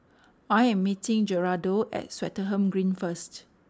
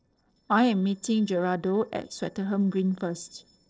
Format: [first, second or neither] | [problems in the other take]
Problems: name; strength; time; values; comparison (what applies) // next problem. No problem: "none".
first | noise reduction (neural separator model SepFormer DNS4)